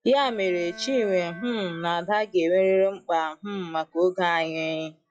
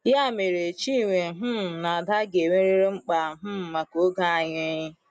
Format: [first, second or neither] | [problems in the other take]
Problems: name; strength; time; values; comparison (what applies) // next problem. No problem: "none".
second | noise reduction (classical method log-MMSE)